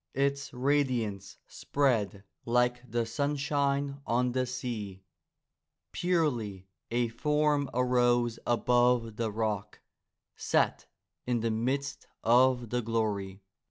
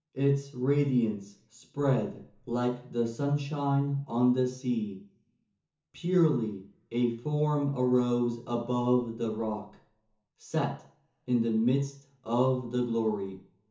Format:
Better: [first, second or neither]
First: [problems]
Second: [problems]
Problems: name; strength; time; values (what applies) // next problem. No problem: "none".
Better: first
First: none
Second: room echo; dies away in 0.6 s